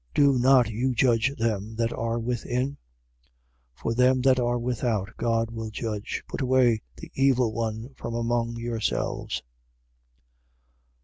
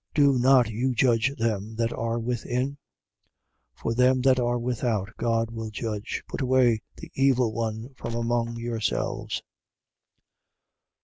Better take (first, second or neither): first